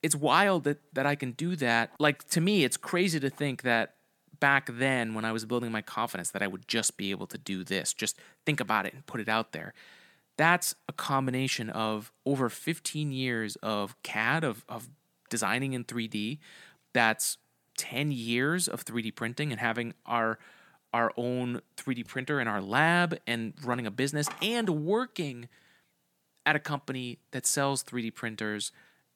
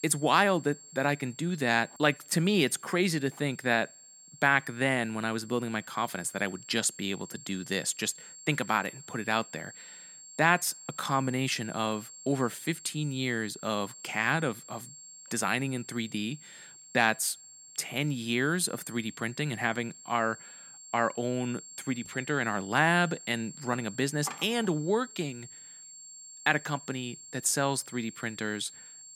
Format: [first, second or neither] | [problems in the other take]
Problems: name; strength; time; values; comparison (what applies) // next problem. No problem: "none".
first | high-pitched whine; noticeable; throughout; 7.5 kHz, 15 dB below the speech